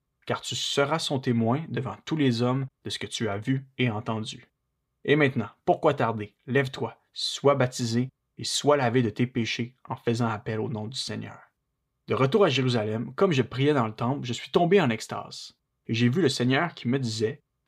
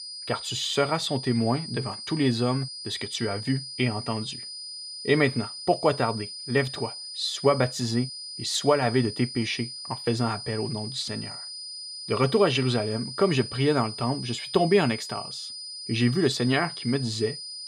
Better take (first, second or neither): first